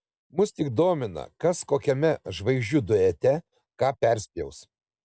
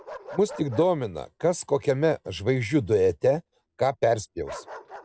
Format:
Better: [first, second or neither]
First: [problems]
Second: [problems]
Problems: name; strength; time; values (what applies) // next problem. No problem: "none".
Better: first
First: none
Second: background sound (Bark); 20 dB below the speech